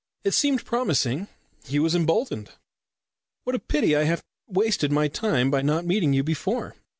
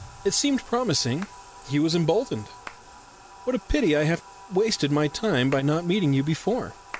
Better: first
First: none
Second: background sound (Hands + Bathtub (filling or washing)); 19 dB below the speech

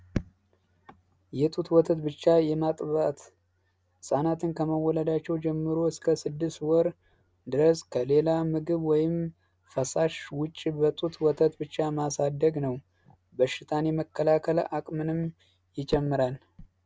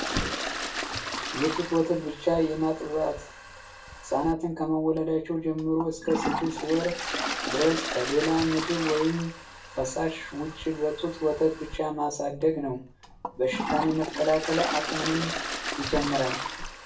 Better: first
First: none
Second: background sound (Toilet flush); 6 dB below the speech // room echo; dies away in 0.3 s

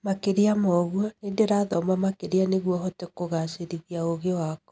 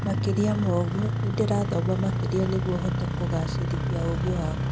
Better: first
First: none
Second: background sound (Engine starting); 2 dB above the speech

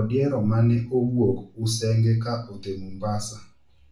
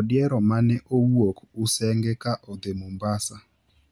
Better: second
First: room echo; dies away in 0.3 s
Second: none

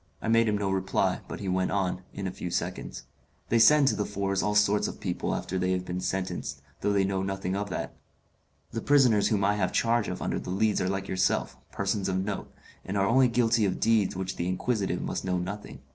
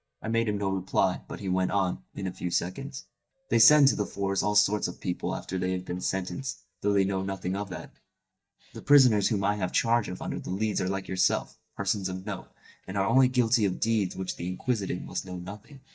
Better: first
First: none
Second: noise reduction (neural mask model DeepFilterNet 3)

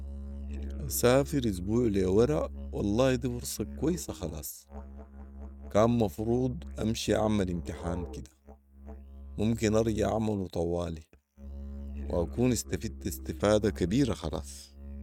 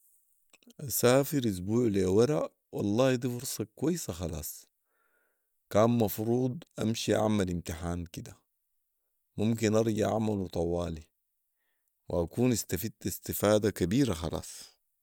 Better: second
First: noise reduction (neural mask model RNNoise)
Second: none

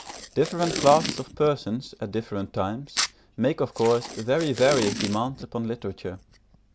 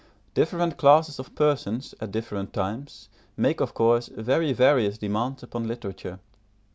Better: second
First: background sound (Packing tape, duct tape); 9 dB below the speech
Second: none

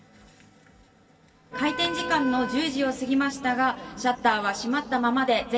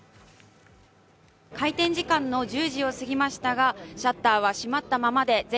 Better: second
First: background sound (Wind instrument, woodwind instrument); 9 dB below the speech // room echo; dies away in 2.7 s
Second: none

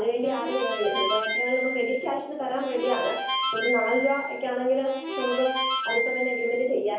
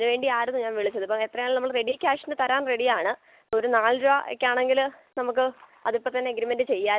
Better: second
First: background sound (Harmonica); 4 dB below the speech // room echo; dies away in 0.7 s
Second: none

